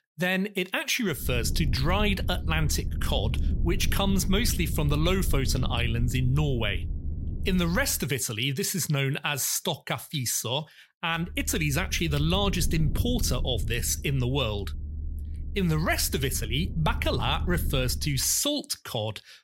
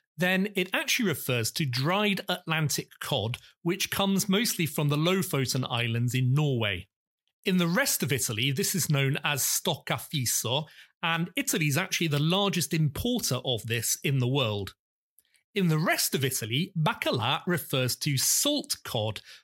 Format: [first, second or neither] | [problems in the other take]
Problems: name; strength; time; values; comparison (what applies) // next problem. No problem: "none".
second | low rumble; noticeable; from 1.5 to 8 s and from 11 to 18 s; 20 dB below the speech